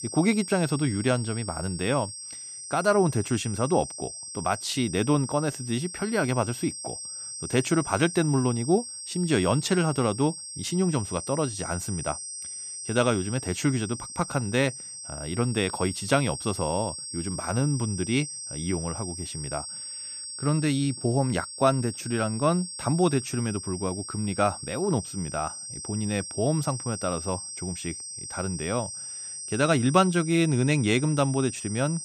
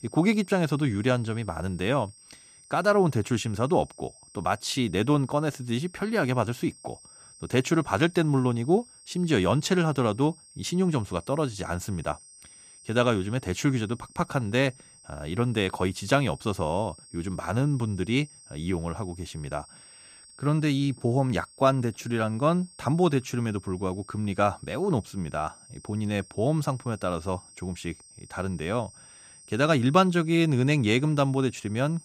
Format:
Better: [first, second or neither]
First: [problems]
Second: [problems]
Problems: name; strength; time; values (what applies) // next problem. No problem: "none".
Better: second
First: high-pitched whine; loud; throughout; 8 kHz, 8 dB below the speech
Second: high-pitched whine; faint; throughout; 8 kHz, 25 dB below the speech